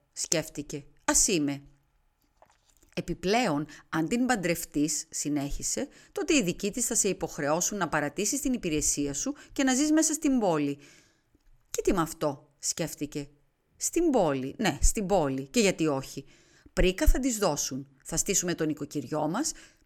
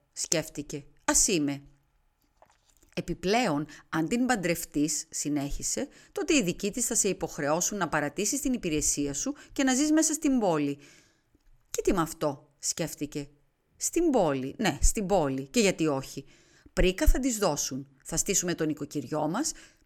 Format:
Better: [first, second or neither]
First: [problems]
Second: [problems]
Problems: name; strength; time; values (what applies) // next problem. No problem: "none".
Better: neither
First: none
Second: none